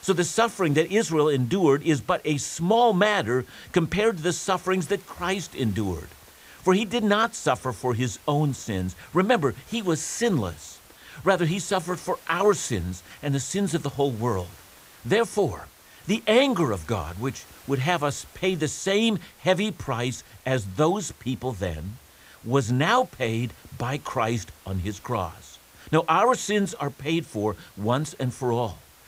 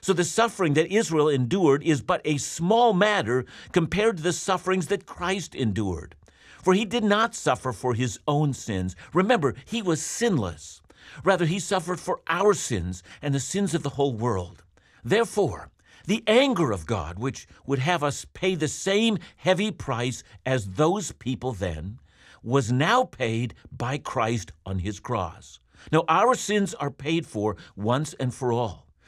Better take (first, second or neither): second